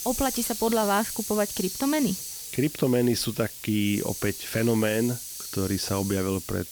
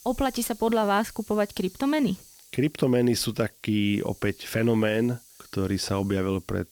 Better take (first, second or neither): second